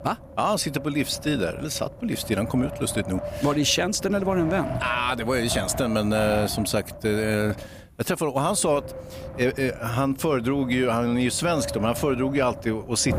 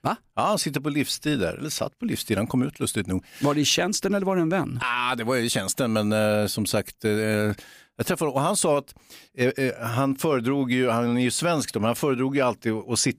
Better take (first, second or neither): second